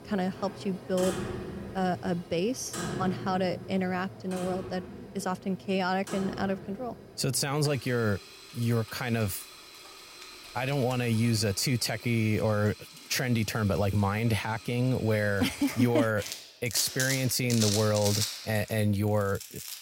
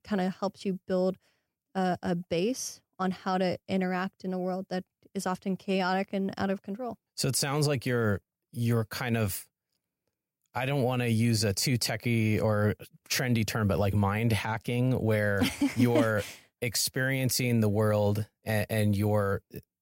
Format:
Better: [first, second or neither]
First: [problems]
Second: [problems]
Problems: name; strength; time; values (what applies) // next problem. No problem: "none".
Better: second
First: household noises; loud; throughout; 9 dB below the speech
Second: none